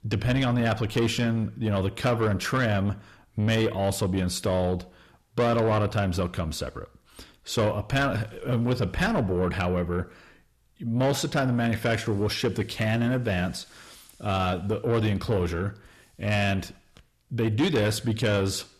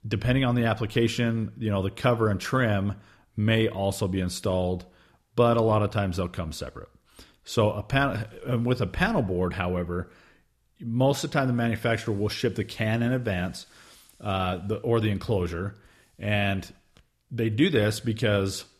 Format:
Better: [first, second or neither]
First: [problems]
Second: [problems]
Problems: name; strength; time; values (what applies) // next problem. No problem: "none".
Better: second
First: distortion; slight; 10 dB below the speech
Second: none